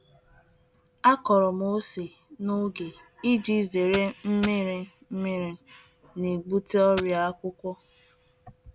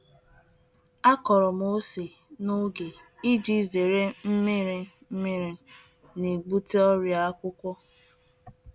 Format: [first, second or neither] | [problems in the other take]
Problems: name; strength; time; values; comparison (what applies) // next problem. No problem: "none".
second | background sound (Coin (dropping)); 11 dB below the speech